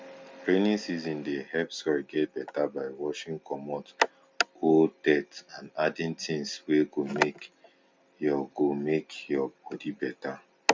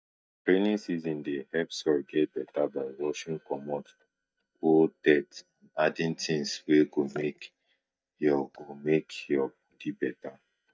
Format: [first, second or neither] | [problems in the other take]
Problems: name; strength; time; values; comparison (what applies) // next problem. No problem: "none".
first | noise reduction (neural mask model DeepFilterNet 3)